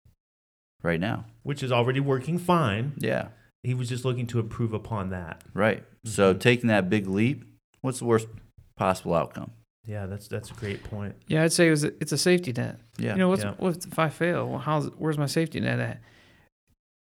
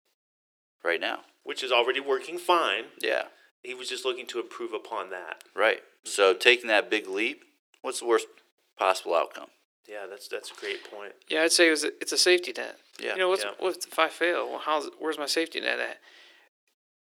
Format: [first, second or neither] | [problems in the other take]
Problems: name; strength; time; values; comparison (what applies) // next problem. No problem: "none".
first | thin; very; fading below 350 Hz